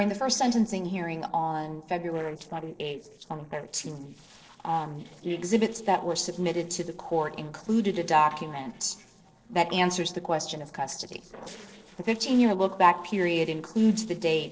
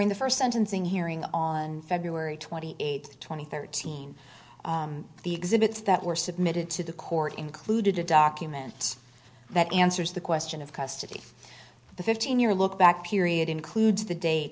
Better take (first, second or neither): second